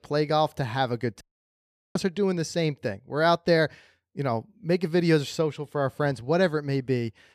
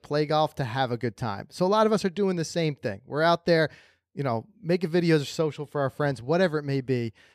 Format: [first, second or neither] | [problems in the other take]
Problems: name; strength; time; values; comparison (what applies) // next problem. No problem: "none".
second | audio cutting out; at 1 s for 0.5 s